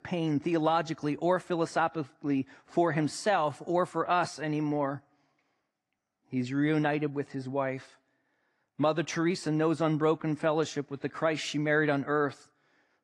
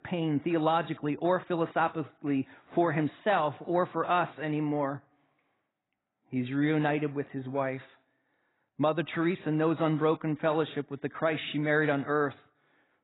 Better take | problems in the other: first | garbled, watery; badly; nothing above 4 kHz; slightly in the first

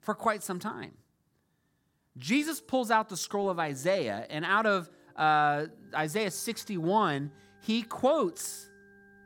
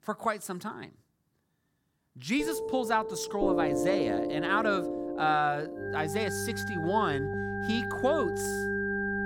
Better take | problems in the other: first | background music; loud; throughout; 2 dB below the speech; faint in the first

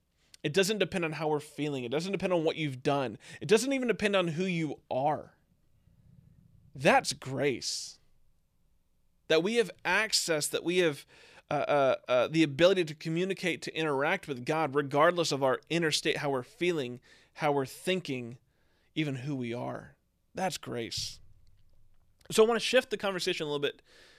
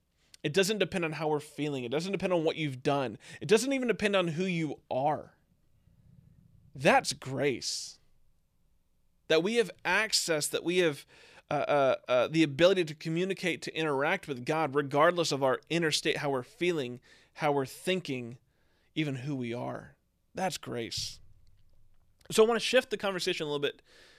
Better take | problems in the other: neither | none

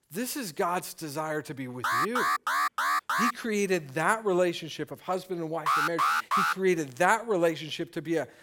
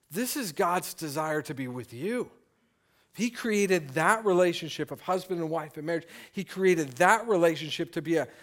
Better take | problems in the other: second | alarm; loud; from 2 to 3.5 s and at 5.5 s; peak 5 dB above the speech

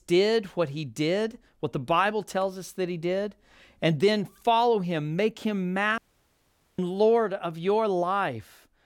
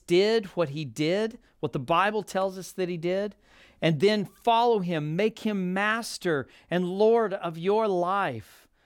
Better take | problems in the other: second | audio cutting out; at 6 s for 1 s

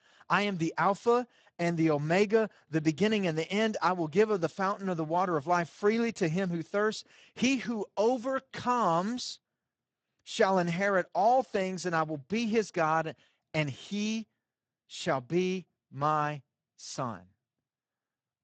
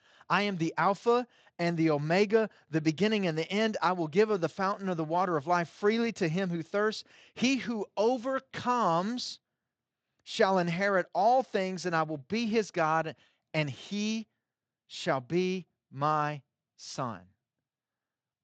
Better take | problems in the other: second | garbled, watery; badly; nothing above 7.5 kHz; slightly in the second

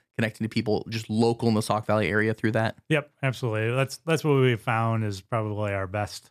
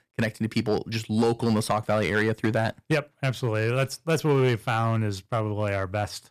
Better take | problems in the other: first | distortion; slight; 3% of the sound clipped

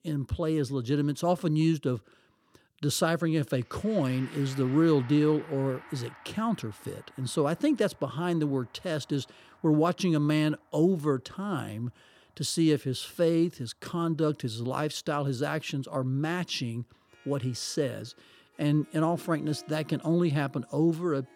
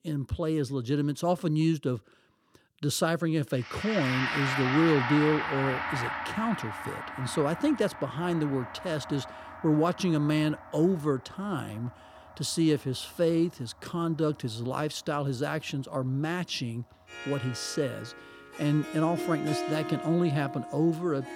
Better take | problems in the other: first | background music; loud; from 4.5 s on; 6 dB below the speech; faint in the first

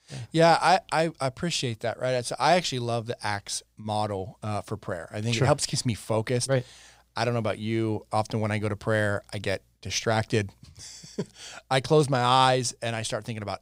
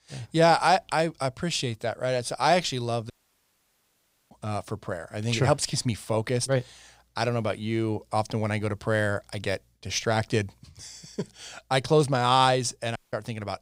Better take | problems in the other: first | audio cutting out; at 3 s for 1 s and at 13 s

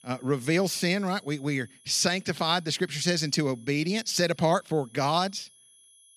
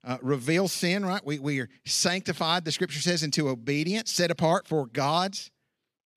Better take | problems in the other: second | high-pitched whine; faint; throughout; 10.5 kHz, 30 dB below the speech

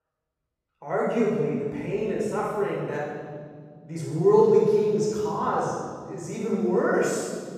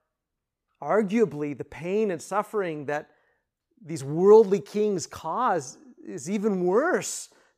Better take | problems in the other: second | off-mic speech; far // room echo; strong; dies away in 2.4 s

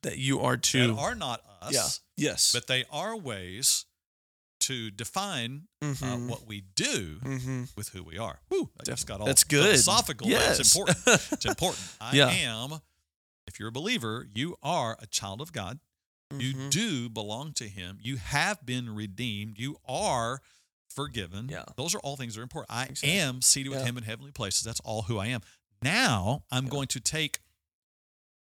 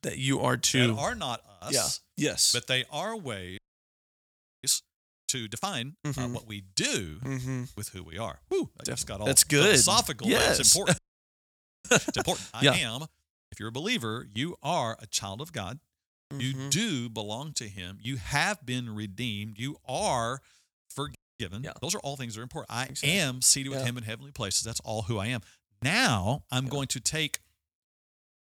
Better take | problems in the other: first | audio freezing; at 3.5 s for 1 s, at 11 s for 1 s and at 21 s

